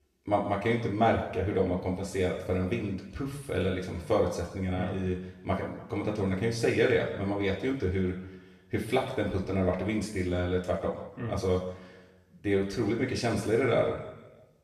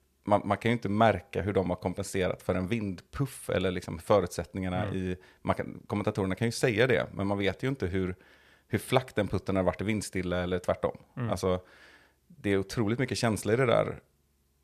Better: second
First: room echo; noticeable; dies away in 0.9 s // off-mic speech; far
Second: none

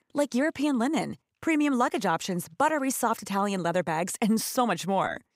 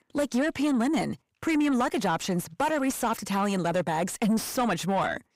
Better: first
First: none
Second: distortion; slight; 10 dB below the speech

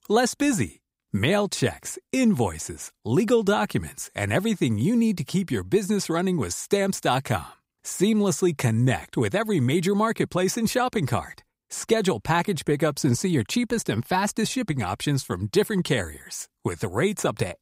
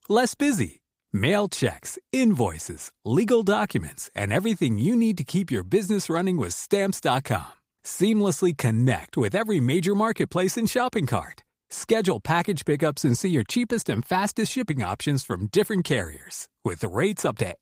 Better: first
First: none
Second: garbled, watery; slightly; nothing above 15.5 kHz

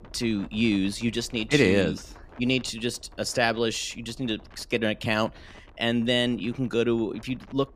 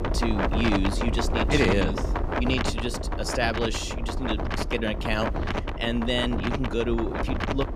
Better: first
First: wind noise on the microphone; occasional gusts; 25 dB below the speech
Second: wind noise on the microphone; heavy; 1 dB below the speech

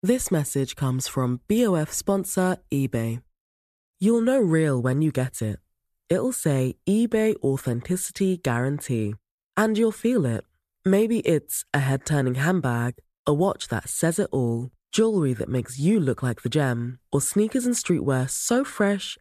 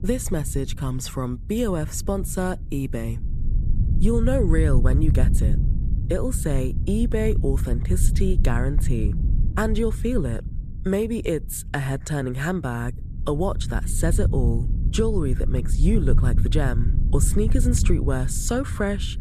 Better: first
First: none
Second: low rumble; noticeable; throughout; 10 dB below the speech

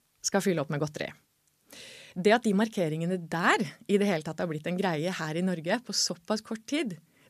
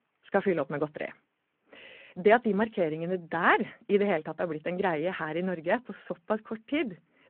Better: first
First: none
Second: phone-call audio

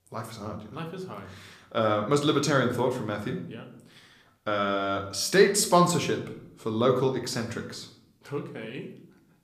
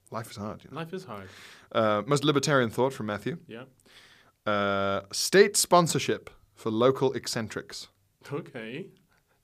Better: second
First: room echo; slight; dies away in 0.5 s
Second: none

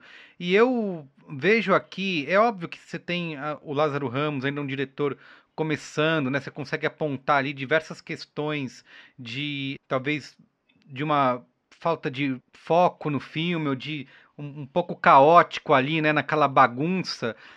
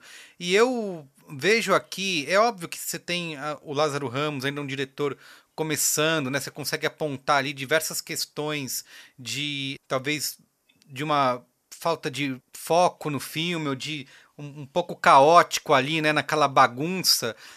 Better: second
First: muffled; slightly; fading above 3 kHz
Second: none

